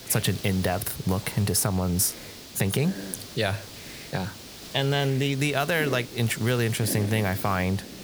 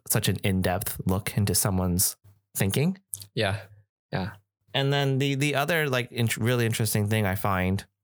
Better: second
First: hiss; noticeable; throughout; 15 dB below the speech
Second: none

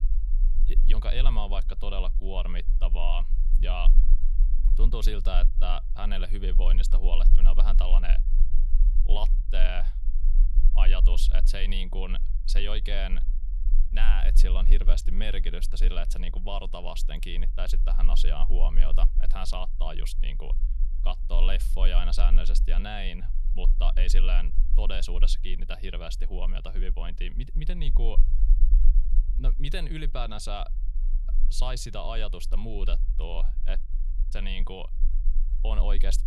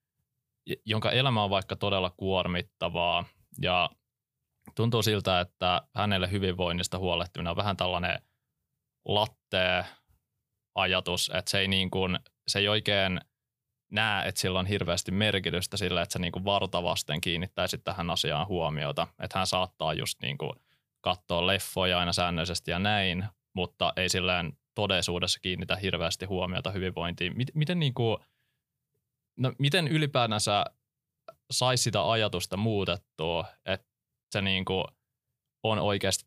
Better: second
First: low rumble; noticeable; throughout; 15 dB below the speech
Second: none

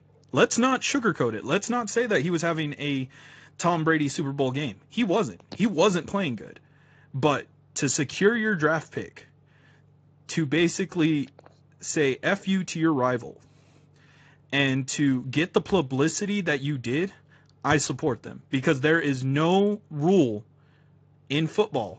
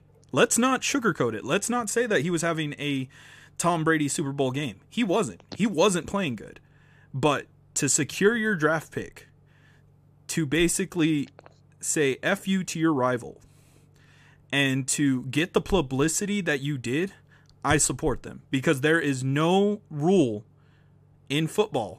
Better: second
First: garbled, watery; slightly; nothing above 7.5 kHz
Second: none

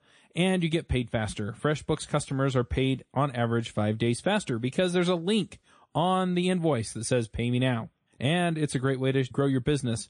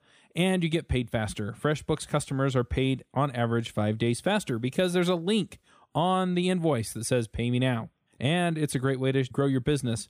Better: second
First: garbled, watery; slightly; nothing above 9.5 kHz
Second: none

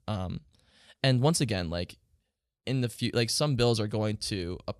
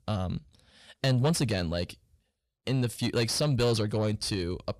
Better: first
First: none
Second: distortion; slight; 10 dB below the speech

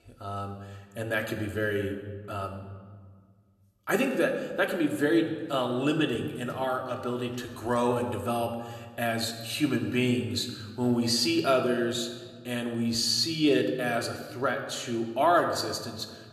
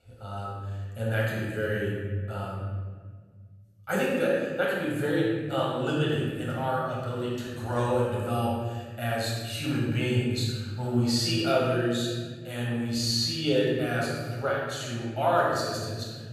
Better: first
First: room echo; slight; dies away in 1.2 s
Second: room echo; strong; dies away in 1.9 s // off-mic speech; far

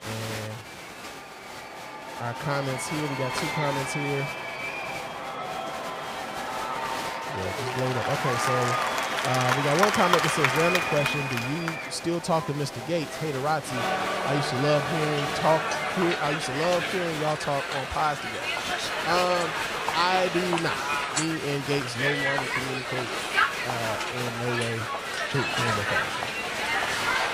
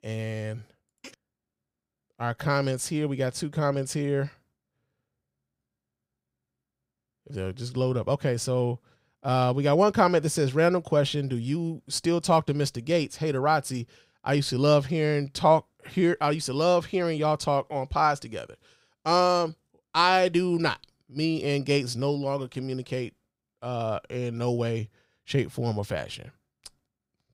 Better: second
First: crowd noise; very loud; throughout; 1 dB above the speech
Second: none

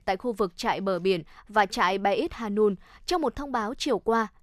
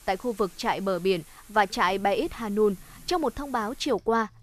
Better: first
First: none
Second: rain or running water; faint; throughout; 25 dB below the speech

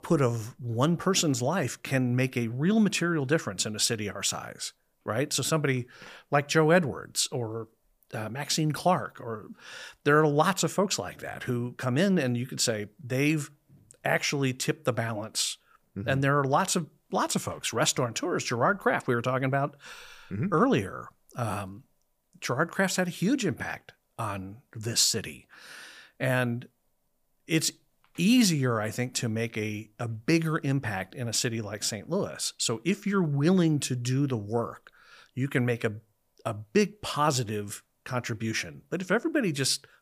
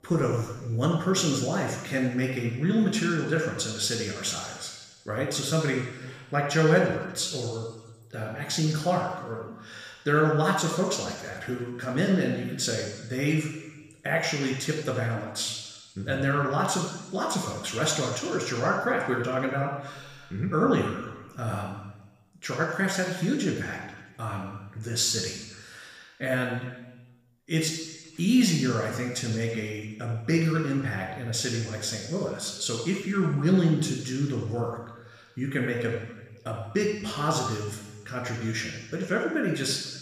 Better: first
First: none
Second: room echo; noticeable; dies away in 1.1 s // off-mic speech; somewhat distant

